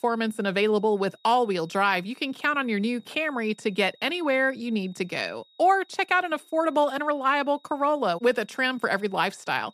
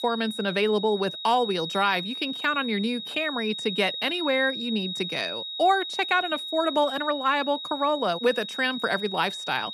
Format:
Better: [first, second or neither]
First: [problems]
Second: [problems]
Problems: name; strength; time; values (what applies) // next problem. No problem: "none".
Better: first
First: high-pitched whine; faint; throughout; 4 kHz, 30 dB below the speech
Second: high-pitched whine; loud; throughout; 4 kHz, 6 dB below the speech